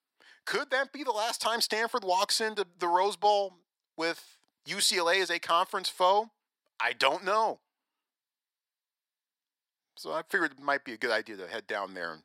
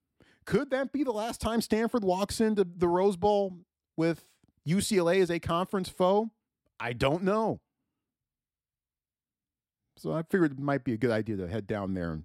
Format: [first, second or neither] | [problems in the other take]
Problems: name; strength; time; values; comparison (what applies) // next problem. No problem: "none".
second | thin; very; fading below 700 Hz